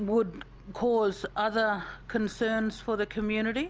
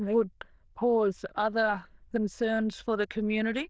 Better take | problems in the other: first | noise reduction (neural diffusion model UNIVERSE++)

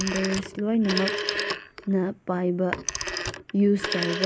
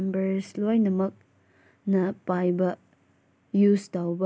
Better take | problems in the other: second | background sound (Telephone); 5 dB below the speech

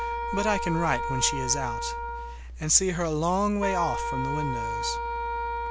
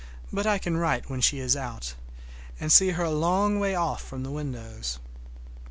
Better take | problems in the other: second | background sound (Wind instrument, woodwind instrument); 4 dB below the speech

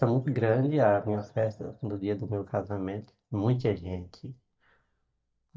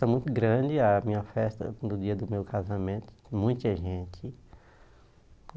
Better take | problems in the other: second | noise reduction (neural mask model DeepFilterNet 3)

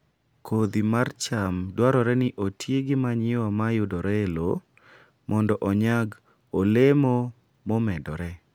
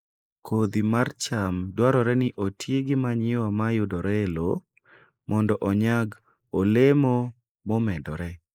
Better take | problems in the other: first | noise reduction (neural mask model Resemble Enhance denoiser)

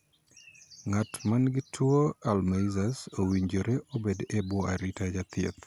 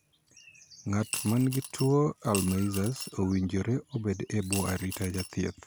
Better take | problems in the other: first | background sound (Coin (dropping) / Glass); 11 dB below the speech

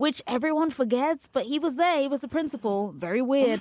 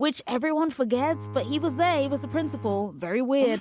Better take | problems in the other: first | background sound (Bowed string instrument); 12 dB below the speech

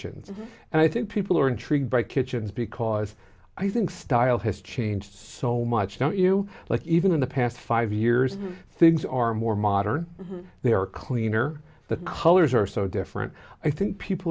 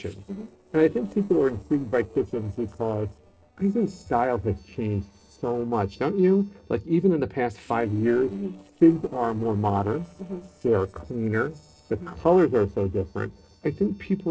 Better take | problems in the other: first | noise reduction (neural separator model SepFormer DNS4)

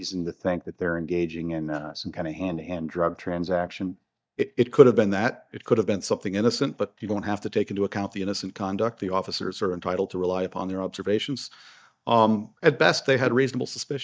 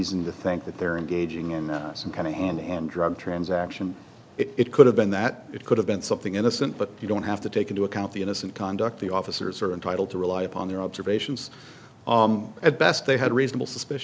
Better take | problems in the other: second | noise reduction (neural mask model DeepFilterNet 3)

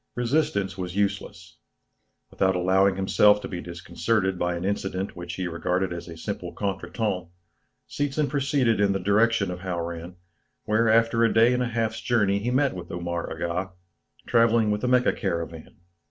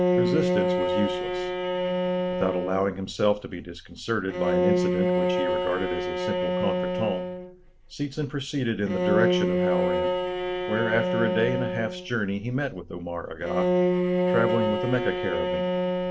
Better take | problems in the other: first | background sound (Bowed string instrument); 3 dB above the speech

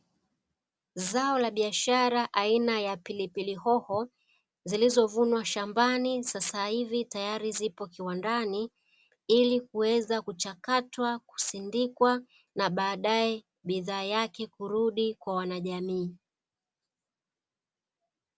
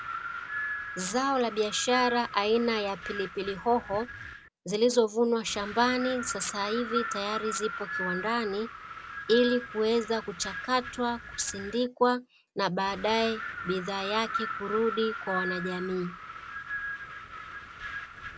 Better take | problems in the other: first | background sound (Wind); 8 dB below the speech

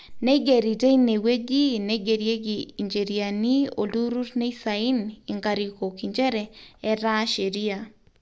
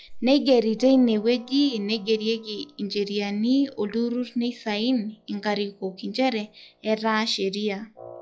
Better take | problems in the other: first | noise reduction (classical method log-MMSE)

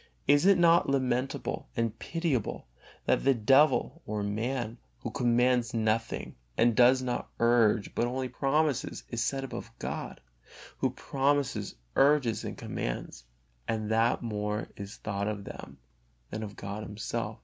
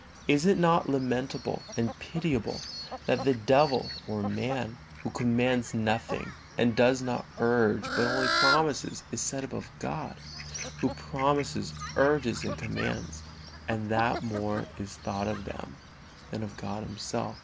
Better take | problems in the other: first | background sound (Fowl); 9 dB below the speech

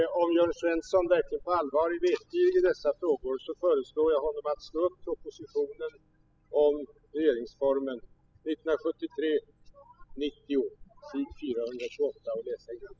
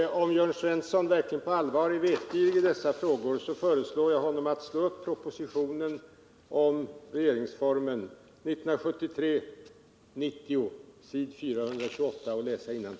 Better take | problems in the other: second | noise reduction (classical method spectral subtraction)

